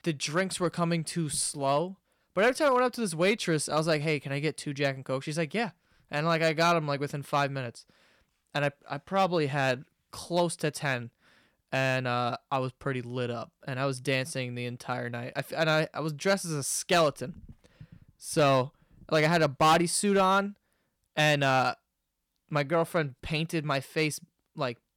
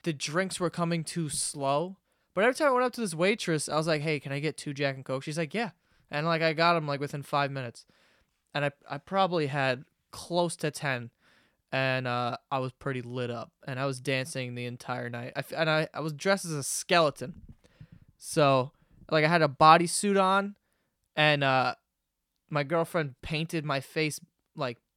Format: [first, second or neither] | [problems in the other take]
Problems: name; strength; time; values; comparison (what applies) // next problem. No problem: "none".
second | distortion; slight; 1.9% of the sound clipped